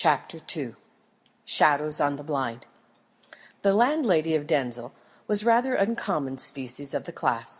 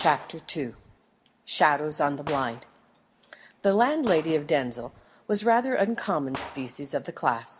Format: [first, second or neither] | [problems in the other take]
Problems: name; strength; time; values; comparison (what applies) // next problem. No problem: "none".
first | background sound (Gunshot, gunfire); 18 dB below the speech